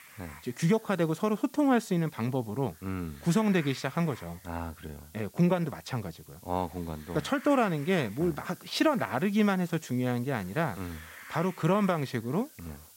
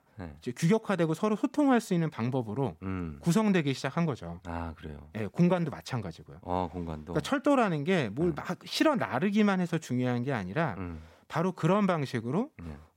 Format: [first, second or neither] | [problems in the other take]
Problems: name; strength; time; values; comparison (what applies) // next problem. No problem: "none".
second | hiss; faint; throughout; 20 dB below the speech